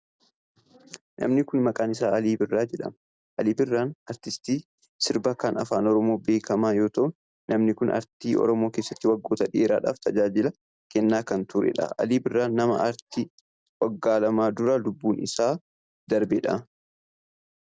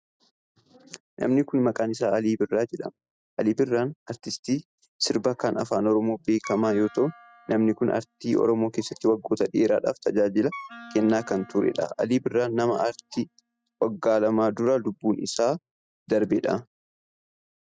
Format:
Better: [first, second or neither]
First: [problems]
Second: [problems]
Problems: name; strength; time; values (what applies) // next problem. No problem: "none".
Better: first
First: none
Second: noise reduction (classical method spectral subtraction)